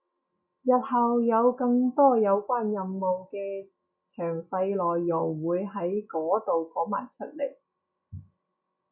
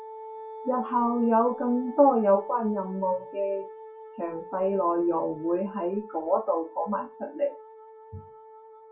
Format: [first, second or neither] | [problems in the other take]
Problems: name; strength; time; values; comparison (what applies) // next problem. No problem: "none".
first | background sound (Wind instrument, woodwind instrument); 15 dB below the speech // room echo; dies away in 0.2 s